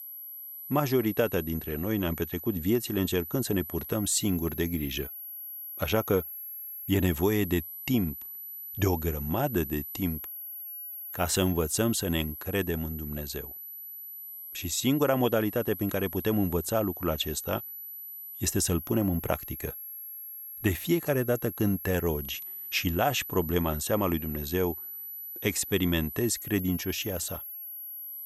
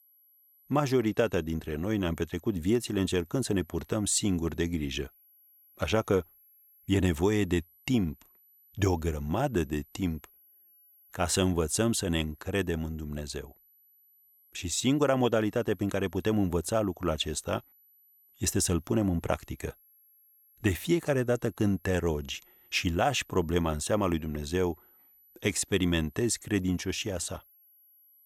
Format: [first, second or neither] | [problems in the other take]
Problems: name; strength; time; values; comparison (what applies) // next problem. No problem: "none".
second | high-pitched whine; loud; throughout; 12 kHz, 9 dB below the speech; faint in the second